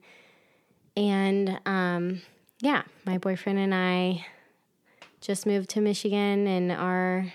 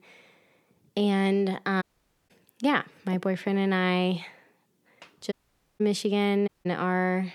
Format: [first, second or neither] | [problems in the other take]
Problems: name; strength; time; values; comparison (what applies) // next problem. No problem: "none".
first | audio cutting out; at 2 s, at 5.5 s and at 6.5 s